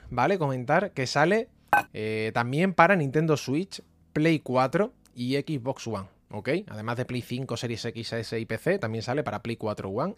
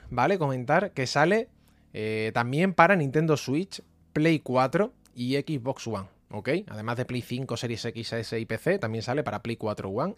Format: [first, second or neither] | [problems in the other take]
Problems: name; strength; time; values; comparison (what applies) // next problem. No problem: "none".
second | clattering dishes; loud; at 1.5 s; peak 2 dB above the speech